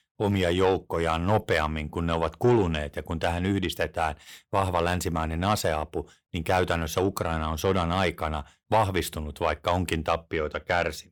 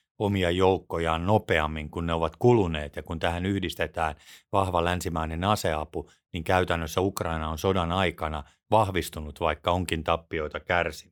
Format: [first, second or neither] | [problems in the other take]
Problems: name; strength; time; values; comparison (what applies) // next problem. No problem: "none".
second | distortion; slight; 10 dB below the speech